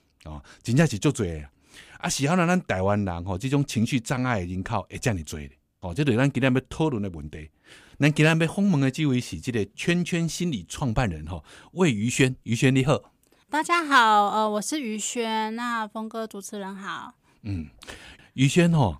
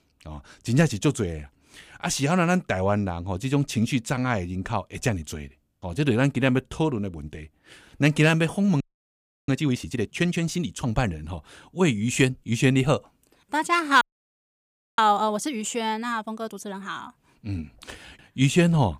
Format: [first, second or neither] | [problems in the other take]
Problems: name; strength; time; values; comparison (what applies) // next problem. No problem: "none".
first | audio freezing; at 9 s for 0.5 s and at 14 s for 1 s